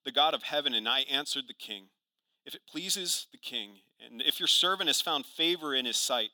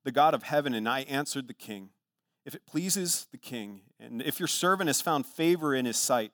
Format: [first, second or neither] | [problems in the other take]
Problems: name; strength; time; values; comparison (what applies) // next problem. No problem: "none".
second | thin; very slightly; fading below 300 Hz